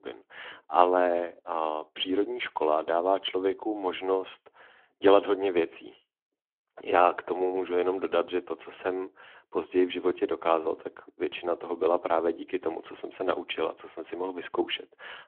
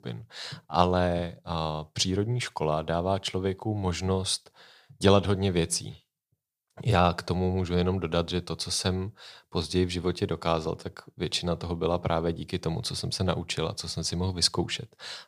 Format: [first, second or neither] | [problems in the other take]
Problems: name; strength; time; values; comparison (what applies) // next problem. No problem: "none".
second | phone-call audio; nothing above 3.5 kHz